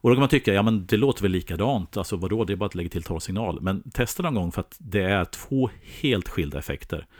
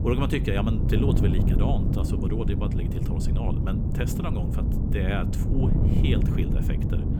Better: first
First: none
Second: wind noise on the microphone; heavy; 1 dB below the speech

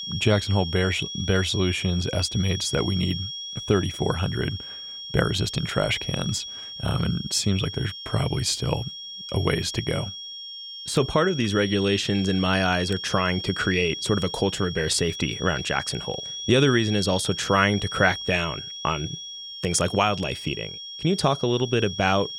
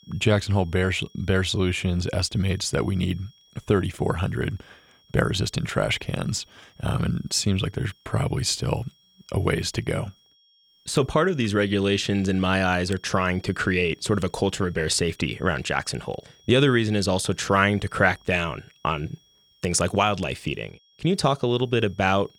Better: second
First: high-pitched whine; loud; throughout; 3.5 kHz, 8 dB below the speech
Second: high-pitched whine; faint; throughout; 3.5 kHz, 30 dB below the speech

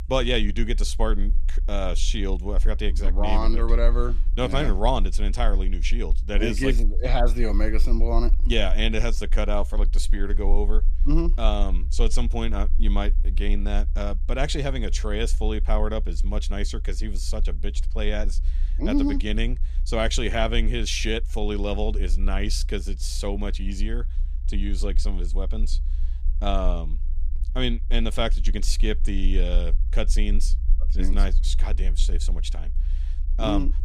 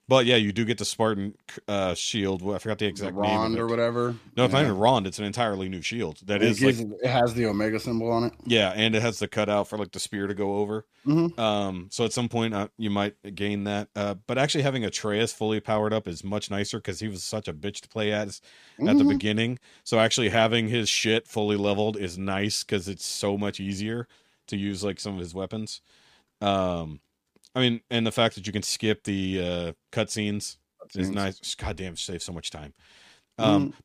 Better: second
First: low rumble; faint; throughout; 20 dB below the speech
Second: none

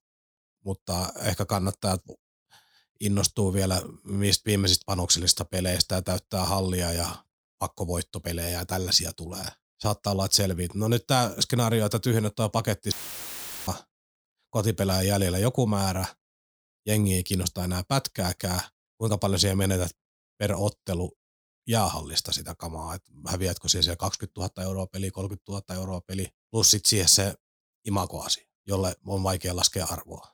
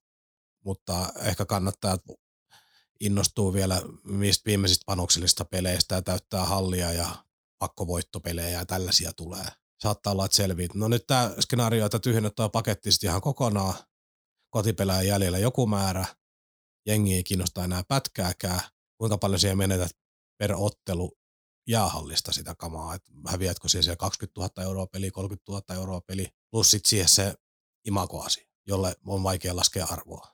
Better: second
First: audio cutting out; filled with static; at 13 s for 1 s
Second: none

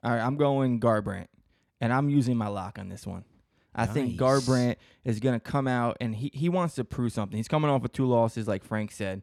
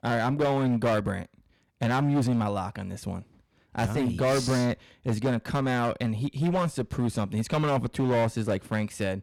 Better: first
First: none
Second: distortion; heavy; 13% of the sound clipped

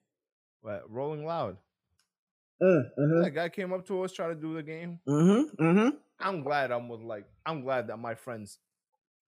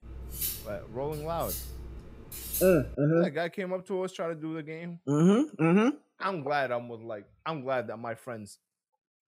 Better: first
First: none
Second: clattering dishes; noticeable; until 3 s; peak 3 dB below the speech

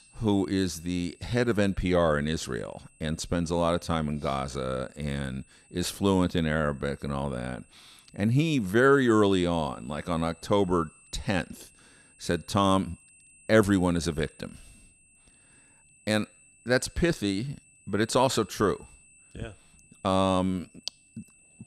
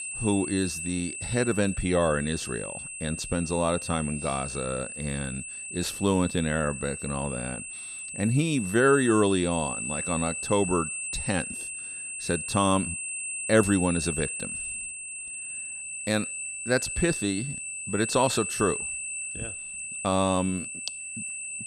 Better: first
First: high-pitched whine; faint; throughout; 8 kHz, 30 dB below the speech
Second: high-pitched whine; loud; throughout; 8 kHz, 5 dB below the speech

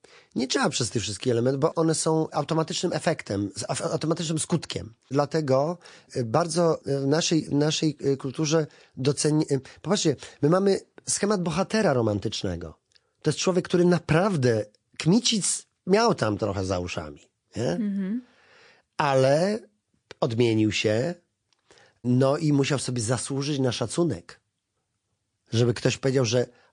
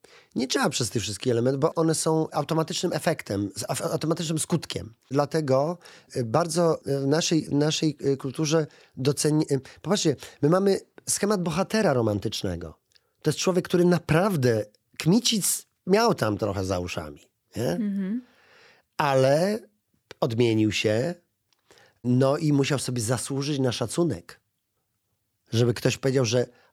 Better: second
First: garbled, watery; slightly; nothing above 9 kHz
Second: none

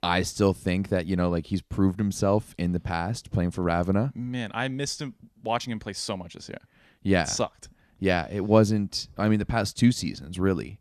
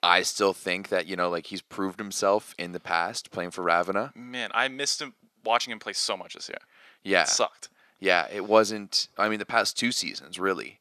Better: first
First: none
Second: thin; very; fading below 500 Hz

